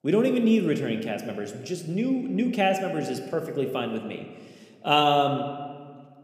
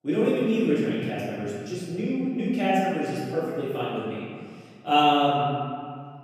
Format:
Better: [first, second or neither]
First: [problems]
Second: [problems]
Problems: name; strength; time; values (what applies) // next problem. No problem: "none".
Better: first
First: room echo; slight; dies away in 1.3 s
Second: room echo; strong; dies away in 2 s // off-mic speech; far